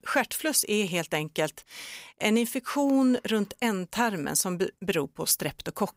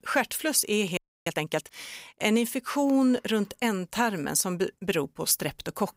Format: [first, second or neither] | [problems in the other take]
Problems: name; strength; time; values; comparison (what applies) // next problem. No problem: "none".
first | audio freezing; at 1 s